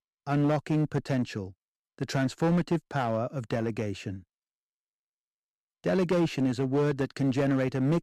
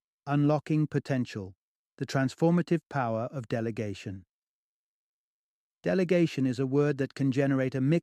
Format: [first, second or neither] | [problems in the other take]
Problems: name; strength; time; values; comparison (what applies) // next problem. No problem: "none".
second | distortion; slight; 8% of the sound clipped